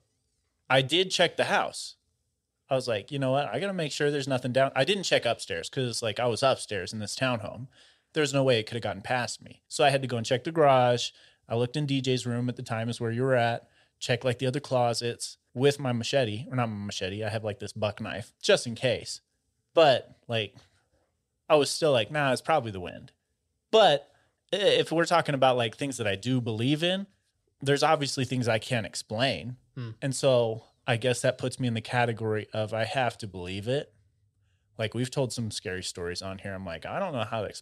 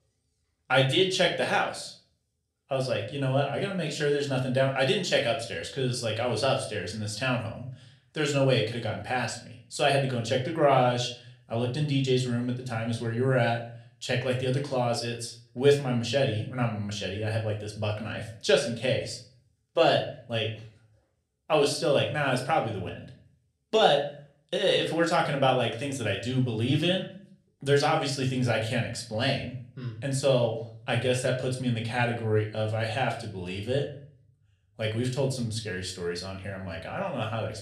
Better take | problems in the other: first | room echo; slight; dies away in 0.4 s // off-mic speech; somewhat distant

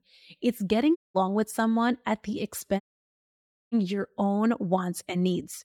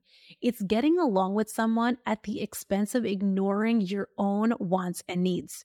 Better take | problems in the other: second | audio cutting out; at 1 s and at 3 s for 1 s

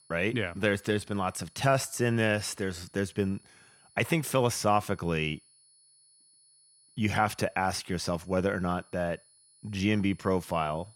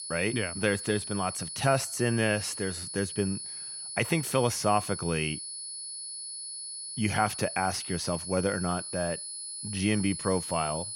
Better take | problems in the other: first | high-pitched whine; loud; throughout; 10 kHz, 6 dB below the speech; faint in the first

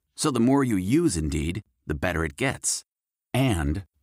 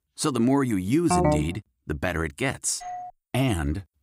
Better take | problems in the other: first | phone ringing; loud; at 1 s; peak 3 dB above the speech // doorbell; faint; at 3 s; peak 10 dB below the speech

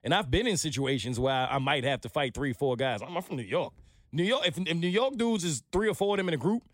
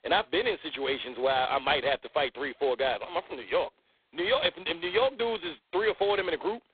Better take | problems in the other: first | phone-call audio; poor line

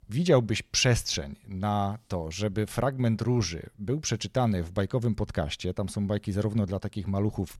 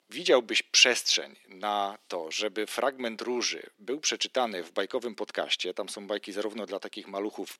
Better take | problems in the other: first | thin; very; fading below 300 Hz

